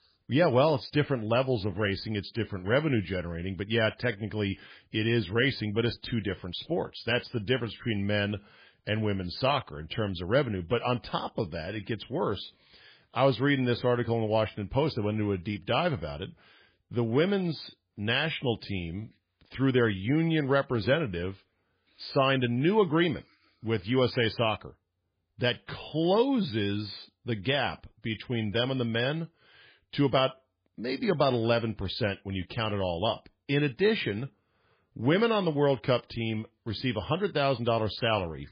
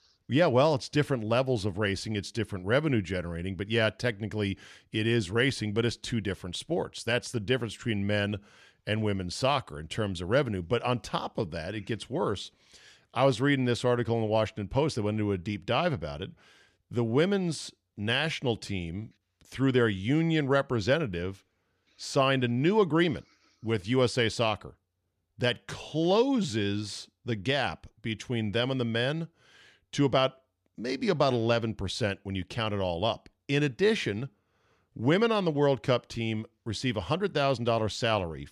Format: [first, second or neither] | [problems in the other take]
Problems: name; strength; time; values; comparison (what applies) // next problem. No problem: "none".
second | garbled, watery; badly; nothing above 4.5 kHz